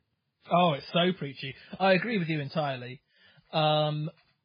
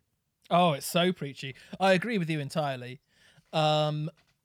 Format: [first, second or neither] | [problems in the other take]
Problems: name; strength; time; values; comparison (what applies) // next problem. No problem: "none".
second | garbled, watery; badly; nothing above 4 kHz